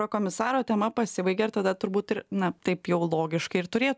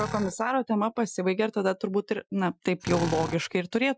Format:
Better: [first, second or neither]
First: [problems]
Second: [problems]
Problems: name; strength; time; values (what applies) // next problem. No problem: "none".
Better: first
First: none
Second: noise reduction (classical method Wiener filter)